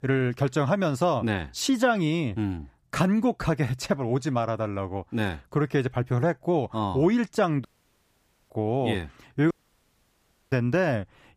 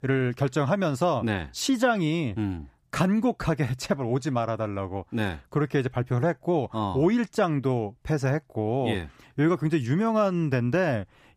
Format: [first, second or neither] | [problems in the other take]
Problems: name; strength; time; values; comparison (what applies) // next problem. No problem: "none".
second | audio cutting out; at 7.5 s for 1 s and at 9.5 s for 1 s